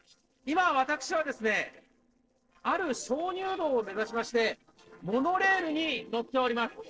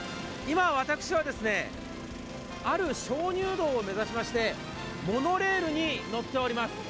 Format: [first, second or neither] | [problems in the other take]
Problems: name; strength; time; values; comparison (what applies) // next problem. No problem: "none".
second | noise reduction (neural separator model SepFormer DNS4)